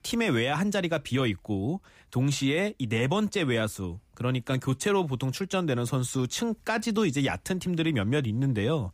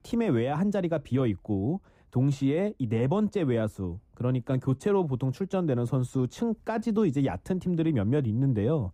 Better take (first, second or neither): first